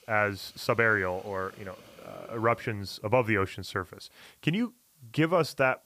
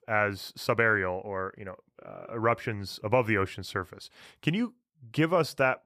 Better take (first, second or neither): second